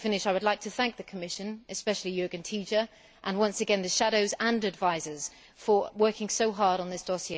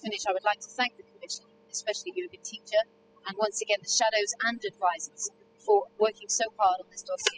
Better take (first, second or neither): first